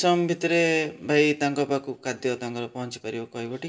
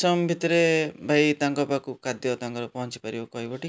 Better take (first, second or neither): second